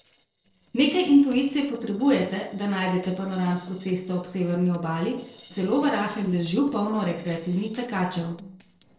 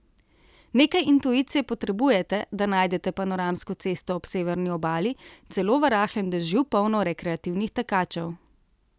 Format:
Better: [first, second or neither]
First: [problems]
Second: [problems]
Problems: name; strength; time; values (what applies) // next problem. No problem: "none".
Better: second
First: noise reduction (neural separator model SepFormer DNS4)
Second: none